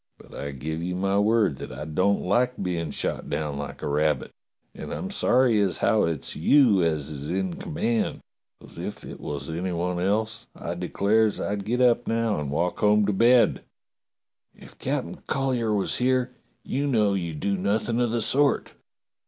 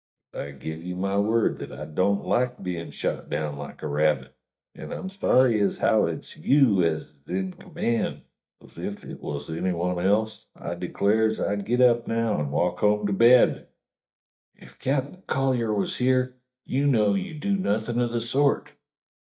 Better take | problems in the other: first | noise reduction (neural mask model DeepFilterNet 3)

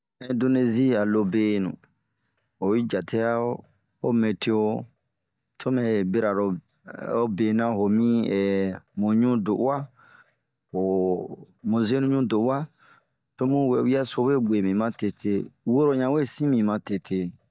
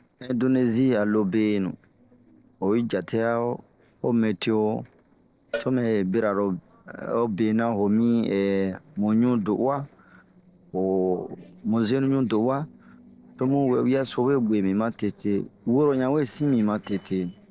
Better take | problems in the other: first | noise reduction (neural separator model SepFormer DNS4)

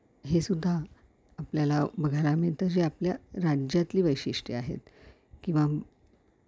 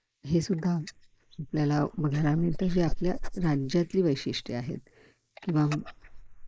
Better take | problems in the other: first | noise reduction (neural mask model Resemble Enhance denoiser)

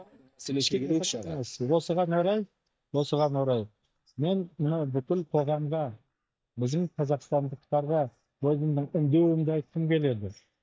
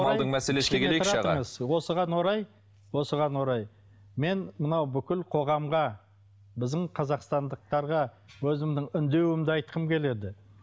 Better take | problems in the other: second | noise reduction (neural mask model DeepFilterNet 3)

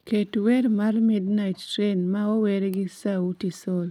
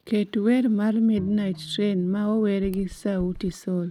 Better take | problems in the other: first | background sound (Bowed string instrument + Run); 18 dB below the speech

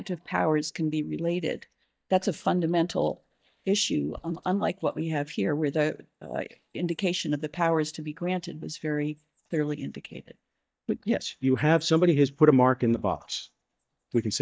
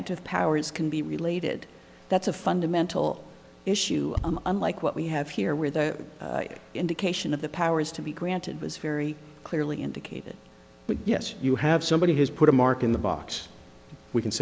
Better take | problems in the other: second | noise reduction (neural mask model DeepFilterNet 3)

